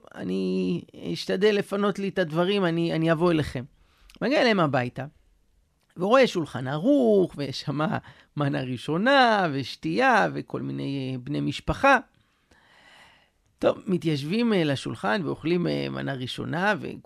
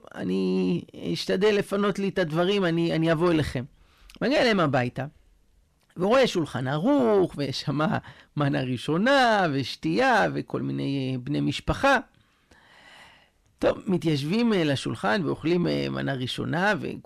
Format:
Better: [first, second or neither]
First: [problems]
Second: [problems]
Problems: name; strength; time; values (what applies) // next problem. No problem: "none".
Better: first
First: none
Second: distortion; slight; 10 dB below the speech